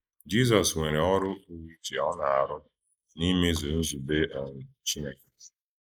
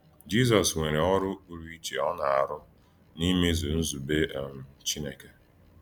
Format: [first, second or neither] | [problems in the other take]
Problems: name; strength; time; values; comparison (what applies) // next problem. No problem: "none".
second | noise reduction (neural mask model Resemble Enhance denoiser)